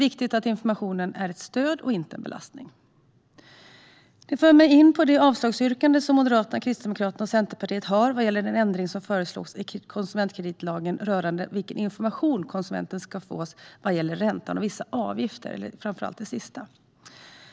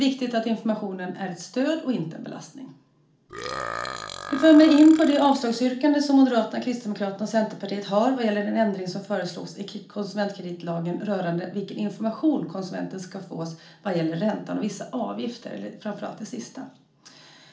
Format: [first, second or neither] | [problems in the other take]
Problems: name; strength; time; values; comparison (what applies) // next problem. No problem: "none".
first | background sound (Burping, eructation); 11 dB below the speech // room echo; dies away in 0.4 s